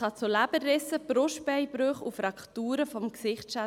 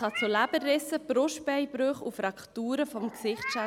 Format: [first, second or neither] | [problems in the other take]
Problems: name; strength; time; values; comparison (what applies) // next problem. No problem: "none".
first | background sound (Meow); 13 dB below the speech